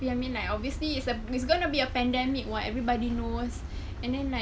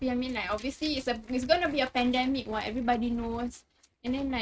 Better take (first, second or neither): first